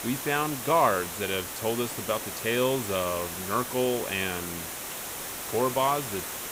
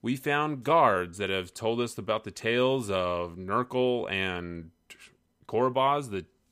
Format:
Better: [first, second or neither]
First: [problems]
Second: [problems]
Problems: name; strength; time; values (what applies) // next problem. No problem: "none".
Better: second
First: hiss; loud; throughout; 6 dB below the speech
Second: none